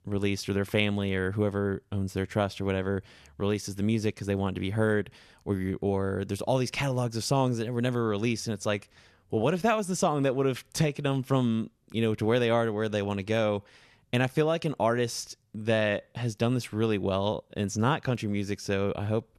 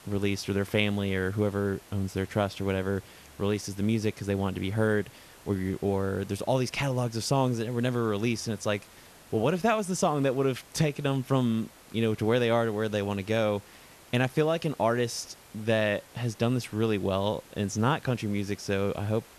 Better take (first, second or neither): first